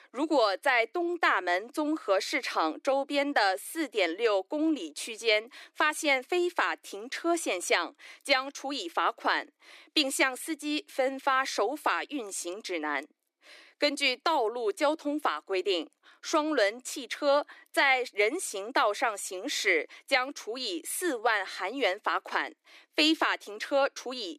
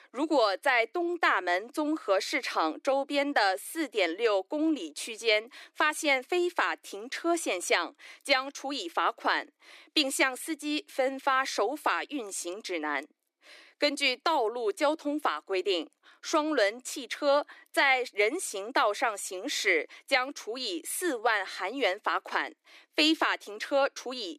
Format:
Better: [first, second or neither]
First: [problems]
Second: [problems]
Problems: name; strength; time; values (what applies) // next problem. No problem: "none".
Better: neither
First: thin; somewhat; fading below 300 Hz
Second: thin; somewhat; fading below 300 Hz